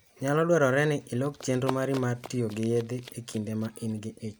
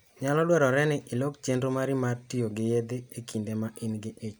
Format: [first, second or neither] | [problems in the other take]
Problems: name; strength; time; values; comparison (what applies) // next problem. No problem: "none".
second | background sound (Run); 16 dB below the speech